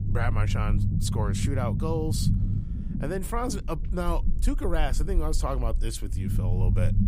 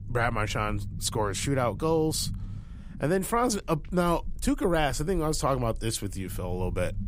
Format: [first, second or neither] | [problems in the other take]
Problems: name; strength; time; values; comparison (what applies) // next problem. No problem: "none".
second | low rumble; loud; throughout; 8 dB below the speech; faint in the second